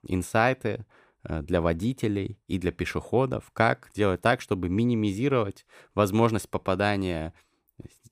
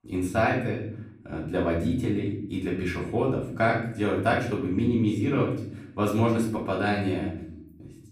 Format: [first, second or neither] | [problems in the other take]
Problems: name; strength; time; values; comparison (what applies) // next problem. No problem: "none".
first | room echo; slight; dies away in 0.7 s // off-mic speech; far